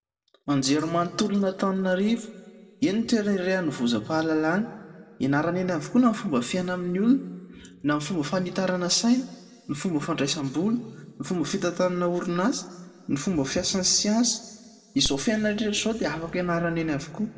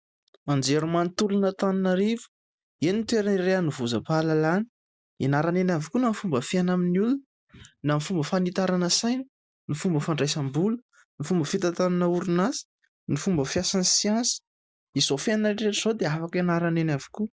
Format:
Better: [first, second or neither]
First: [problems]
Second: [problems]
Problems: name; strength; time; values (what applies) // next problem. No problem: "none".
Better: second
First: background sound (Dog); 15 dB below the speech // room echo; dies away in 1.1 s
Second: none